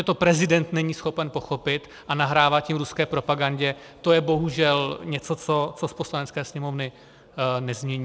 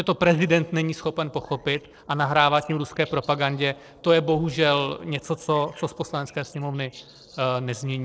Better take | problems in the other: first | noise reduction (neural separator model SepFormer DNS4)

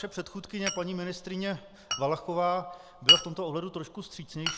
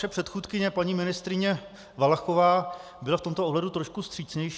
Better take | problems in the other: second | background sound (Glass); 1 dB above the speech

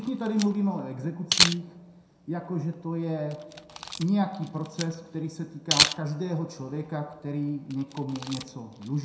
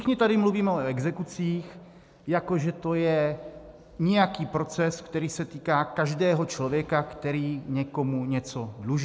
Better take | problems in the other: second | background sound (Camera); 2 dB below the speech // room echo; dies away in 0.6 s

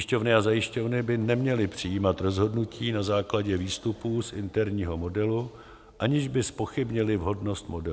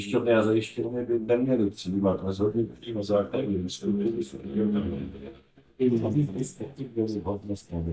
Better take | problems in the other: first | noise reduction (neural mask model DeepFilterNet 3)

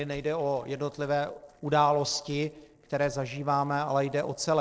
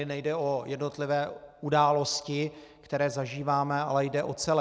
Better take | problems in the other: second | noise reduction (neural separator model SepFormer DNS4)

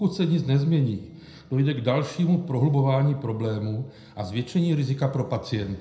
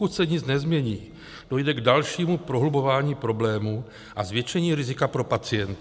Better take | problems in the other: second | room echo; dies away in 0.5 s

